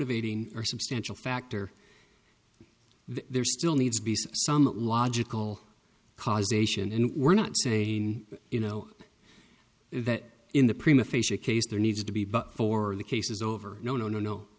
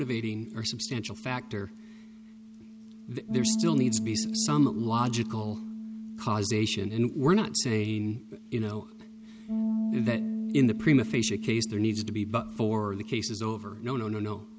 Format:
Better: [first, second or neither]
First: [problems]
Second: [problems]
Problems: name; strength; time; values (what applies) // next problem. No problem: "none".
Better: first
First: none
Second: background sound (Bass guitar); 6 dB below the speech